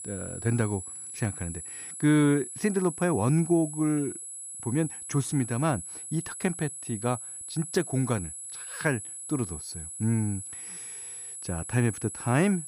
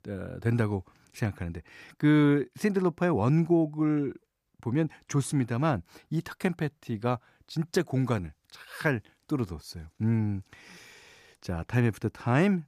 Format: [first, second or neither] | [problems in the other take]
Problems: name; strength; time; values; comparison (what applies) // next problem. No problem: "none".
second | high-pitched whine; loud; throughout; 10.5 kHz, 8 dB below the speech